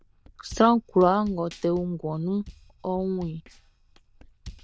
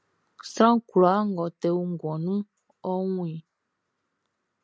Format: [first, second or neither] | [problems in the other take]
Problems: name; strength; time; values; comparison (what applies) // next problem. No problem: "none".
second | noise reduction (neural diffusion model UNIVERSE++)